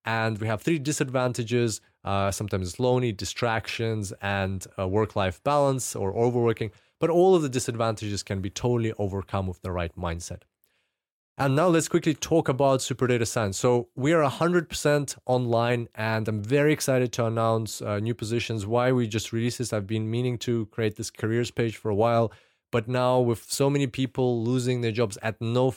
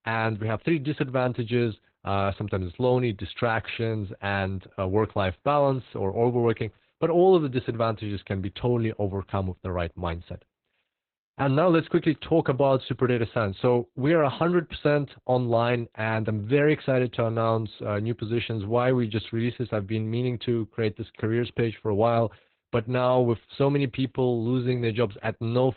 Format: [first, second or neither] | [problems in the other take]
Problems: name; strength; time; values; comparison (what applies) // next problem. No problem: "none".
first | garbled, watery; badly; nothing above 4 kHz